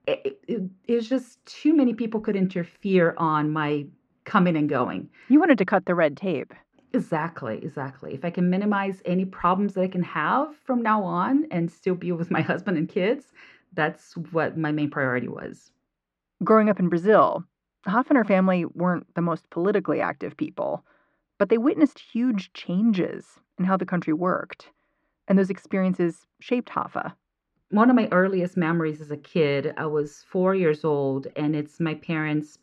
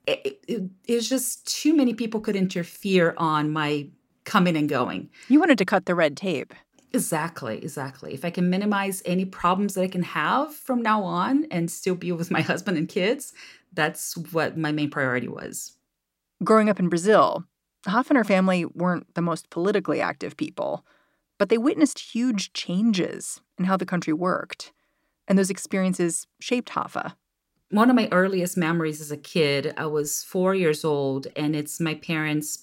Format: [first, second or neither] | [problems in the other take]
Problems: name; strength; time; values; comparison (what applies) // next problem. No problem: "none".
second | muffled; very; fading above 2 kHz